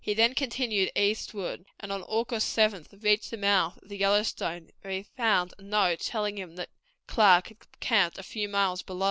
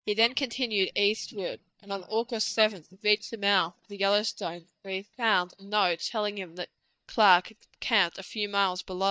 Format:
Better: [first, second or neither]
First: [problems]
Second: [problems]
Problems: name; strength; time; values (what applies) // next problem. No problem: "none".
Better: first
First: none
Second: noise reduction (neural mask model DeepFilterNet 3)